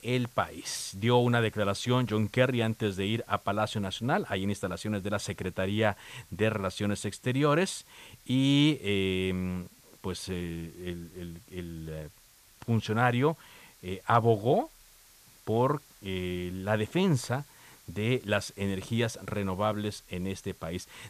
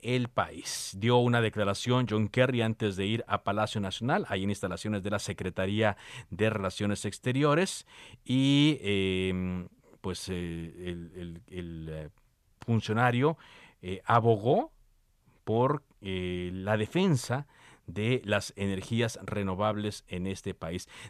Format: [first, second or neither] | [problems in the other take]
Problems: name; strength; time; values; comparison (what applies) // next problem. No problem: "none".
second | hiss; faint; throughout; 25 dB below the speech